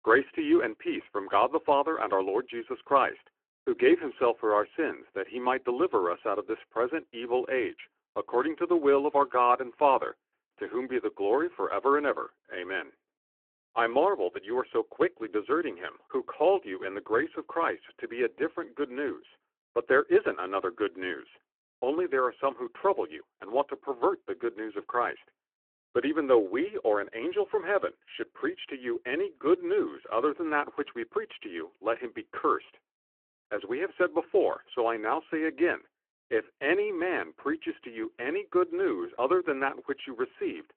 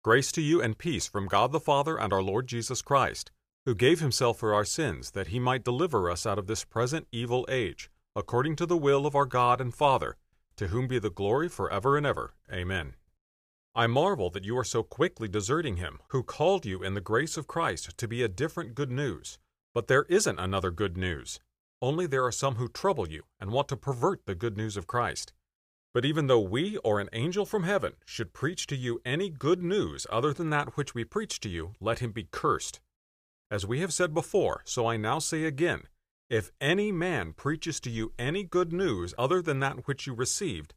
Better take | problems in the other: second | phone-call audio

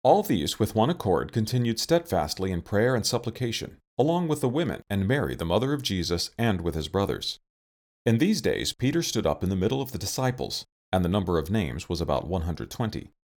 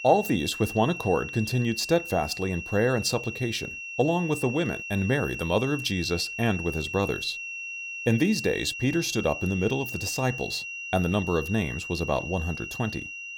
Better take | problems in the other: first | high-pitched whine; loud; throughout; 2.5 kHz, 7 dB below the speech

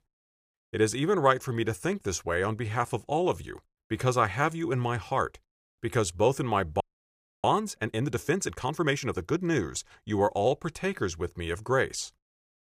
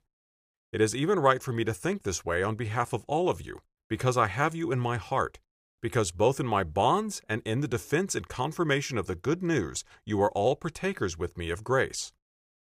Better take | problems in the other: second | audio freezing; at 7 s for 0.5 s

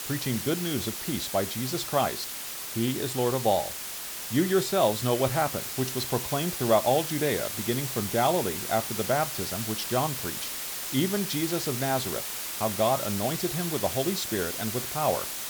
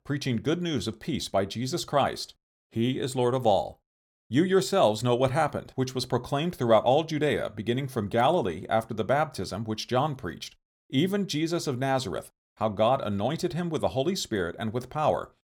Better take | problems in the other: second | hiss; loud; throughout; 3 dB below the speech

